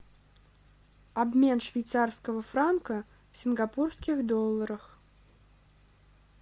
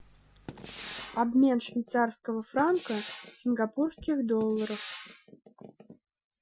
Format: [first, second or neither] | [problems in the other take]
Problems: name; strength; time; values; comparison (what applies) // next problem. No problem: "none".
first | noise reduction (classical method Wiener filter)